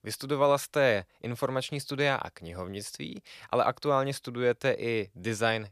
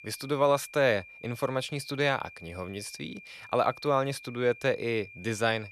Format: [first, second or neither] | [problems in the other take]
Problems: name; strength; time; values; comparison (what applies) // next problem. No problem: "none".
first | high-pitched whine; noticeable; throughout; 2.5 kHz, 20 dB below the speech